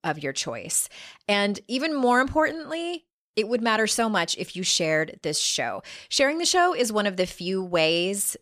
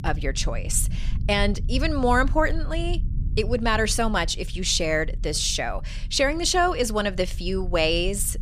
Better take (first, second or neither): first